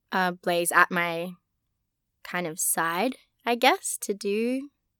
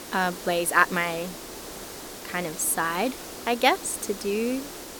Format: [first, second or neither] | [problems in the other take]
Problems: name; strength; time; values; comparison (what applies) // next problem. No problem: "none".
first | hiss; noticeable; throughout; 10 dB below the speech